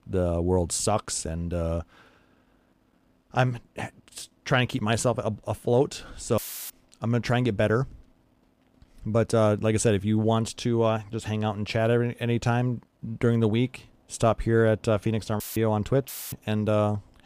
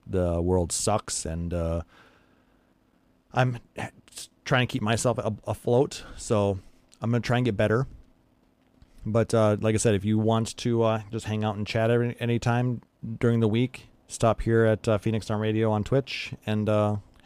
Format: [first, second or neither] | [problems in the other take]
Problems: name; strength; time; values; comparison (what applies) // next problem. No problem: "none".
second | audio cutting out; filled with static; at 6.5 s, at 15 s and at 16 s